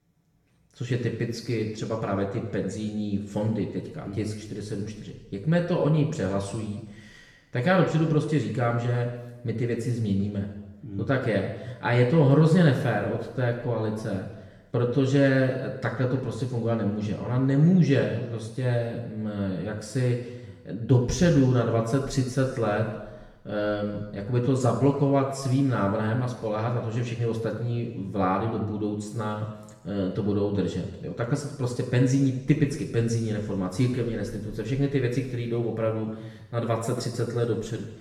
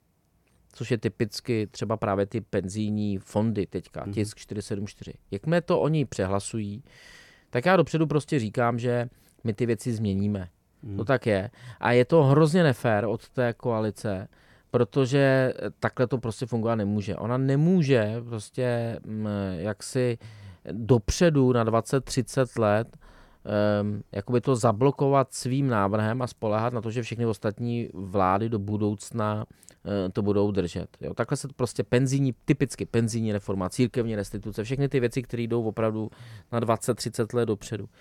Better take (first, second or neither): second